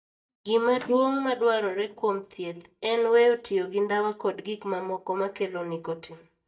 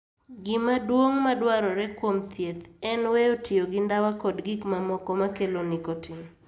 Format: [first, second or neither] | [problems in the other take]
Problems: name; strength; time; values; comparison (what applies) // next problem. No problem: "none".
second | noise reduction (neural mask model DeepFilterNet 3)